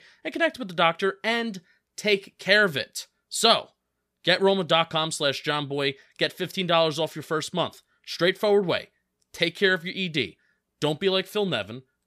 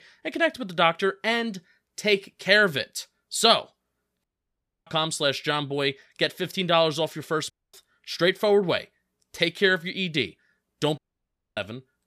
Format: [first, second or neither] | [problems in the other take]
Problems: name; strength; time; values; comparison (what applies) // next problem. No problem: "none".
first | audio cutting out; at 4 s for 0.5 s, at 7.5 s and at 11 s for 0.5 s